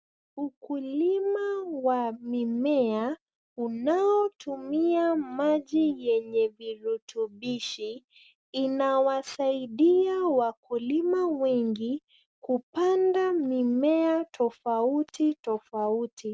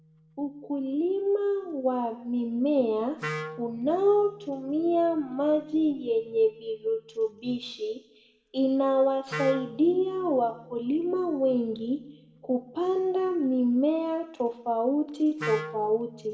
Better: first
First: none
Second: background sound (Wind instrument, woodwind instrument); 17 dB below the speech // room echo; dies away in 0.7 s

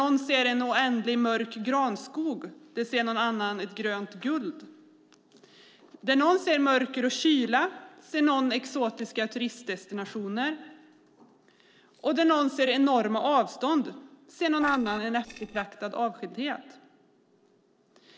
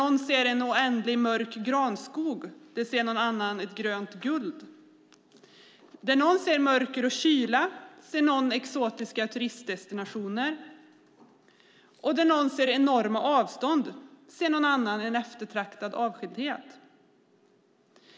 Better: second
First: noise reduction (neural separator model SepFormer DNS4)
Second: none

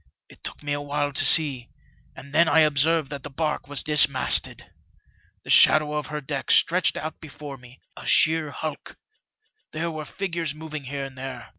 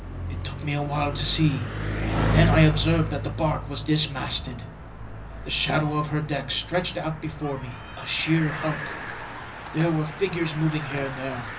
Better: first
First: none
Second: background sound (Bicycle); 4 dB below the speech // room echo; dies away in 0.4 s

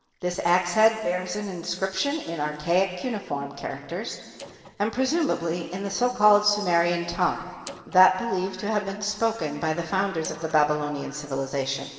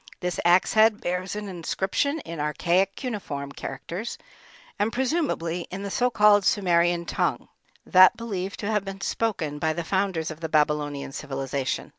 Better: second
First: noise reduction (neural separator model SepFormer DNS4)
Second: none

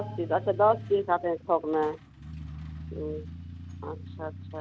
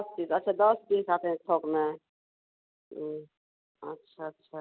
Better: second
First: background sound (Truck); 11 dB below the speech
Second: none

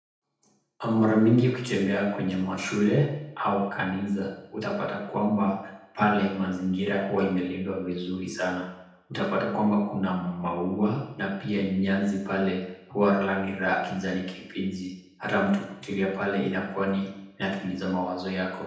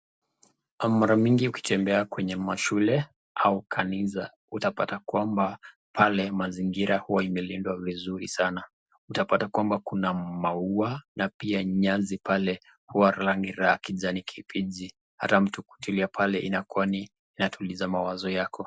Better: second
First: room echo; dies away in 0.8 s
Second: none

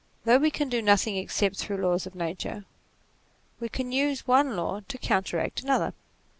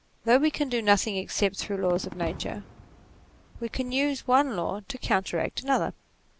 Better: first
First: none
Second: background sound (Fireworks); 19 dB below the speech

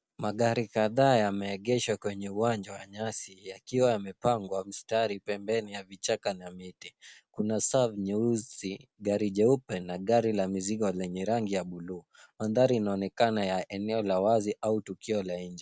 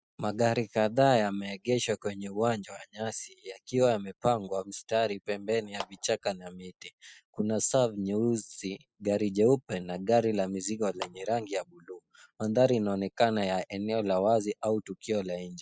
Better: first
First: none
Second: noise reduction (classical method spectral subtraction)

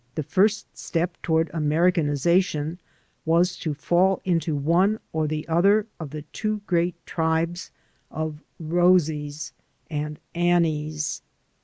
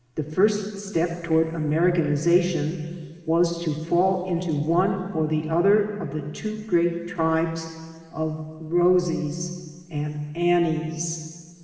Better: first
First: none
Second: room echo; dies away in 2.1 s

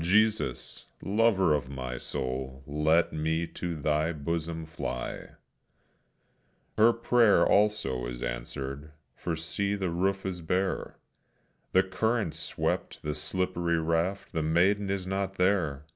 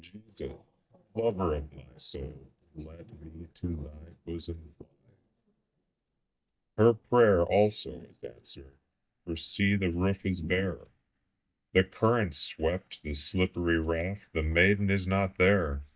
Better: first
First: none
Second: noise reduction (neural mask model DeepFilterNet 3)

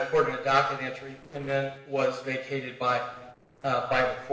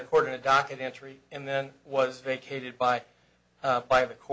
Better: second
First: noise reduction (neural separator model SepFormer DNS4)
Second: none

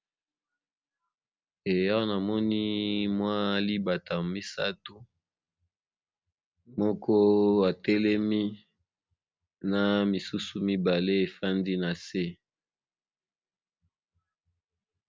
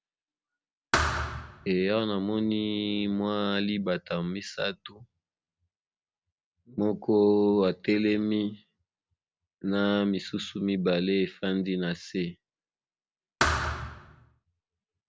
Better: first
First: none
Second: background sound (Thump, thud); 1 dB below the speech

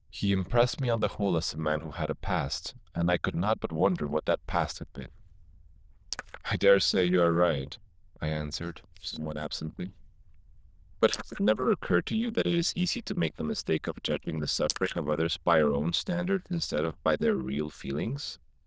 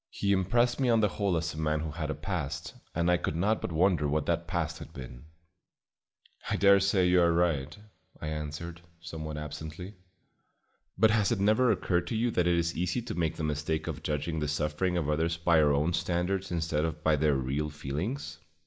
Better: second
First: noise reduction (neural diffusion model UNIVERSE++)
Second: none

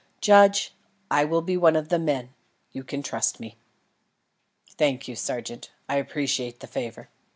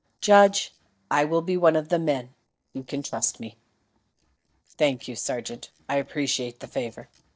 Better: first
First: none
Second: noise reduction (neural separator model SepFormer DNS4)

